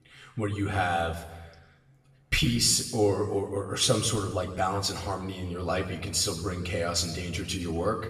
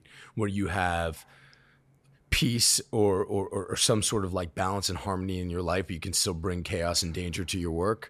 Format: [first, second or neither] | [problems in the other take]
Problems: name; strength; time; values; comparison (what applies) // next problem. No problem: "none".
second | room echo; slight; dies away in 0.9 s // off-mic speech; somewhat distant